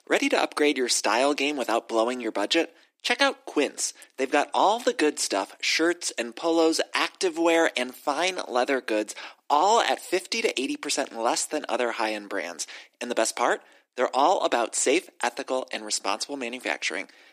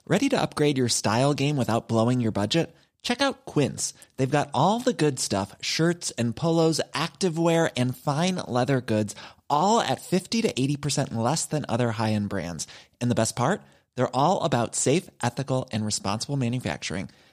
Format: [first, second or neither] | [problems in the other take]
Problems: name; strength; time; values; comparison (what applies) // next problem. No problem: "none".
second | thin; somewhat; fading below 300 Hz